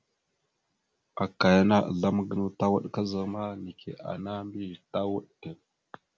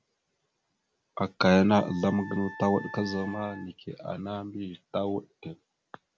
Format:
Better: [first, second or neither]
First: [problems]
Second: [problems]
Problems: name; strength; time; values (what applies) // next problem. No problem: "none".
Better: first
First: none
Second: background sound (Wind instrument, woodwind instrument); 15 dB below the speech